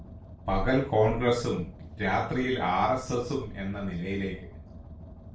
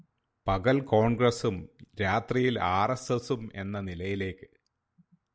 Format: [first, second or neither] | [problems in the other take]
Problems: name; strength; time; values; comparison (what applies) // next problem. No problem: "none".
second | background sound (Car); 16 dB below the speech // room echo; dies away in 0.3 s